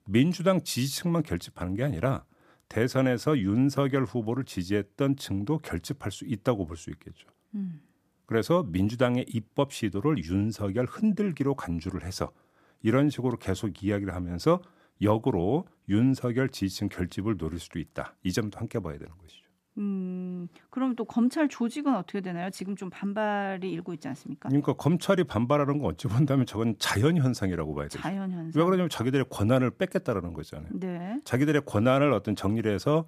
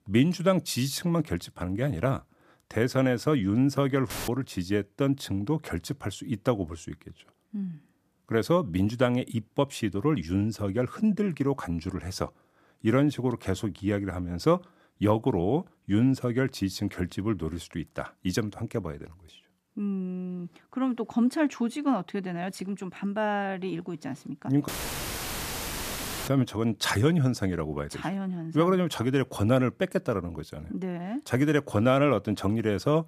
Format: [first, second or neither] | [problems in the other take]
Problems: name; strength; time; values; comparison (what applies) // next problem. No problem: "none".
first | audio cutting out; filled with static; at 4 s and at 25 s for 1.5 s